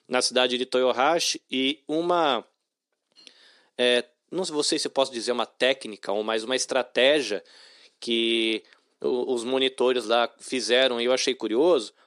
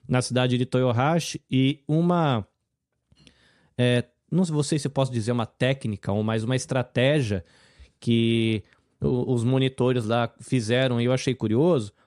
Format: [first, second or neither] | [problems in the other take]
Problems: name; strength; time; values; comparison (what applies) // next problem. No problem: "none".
second | thin; somewhat; fading below 300 Hz